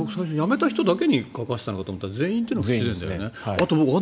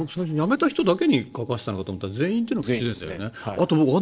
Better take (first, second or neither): first